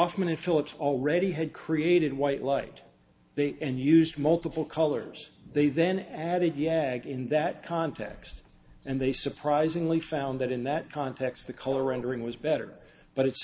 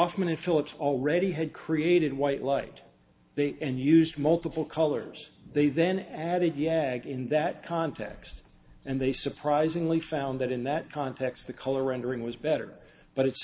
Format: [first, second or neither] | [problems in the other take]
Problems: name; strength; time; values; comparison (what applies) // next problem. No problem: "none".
second | background sound (Bark); 11 dB below the speech